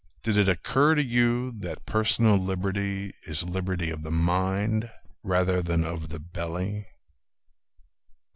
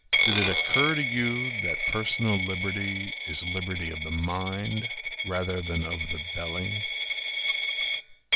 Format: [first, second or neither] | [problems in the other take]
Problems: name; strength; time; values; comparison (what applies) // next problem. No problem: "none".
first | background sound (Coin (dropping)); 2 dB above the speech